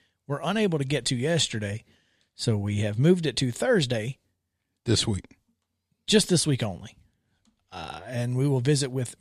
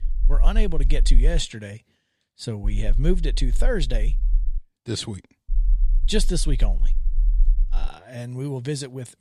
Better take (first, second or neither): first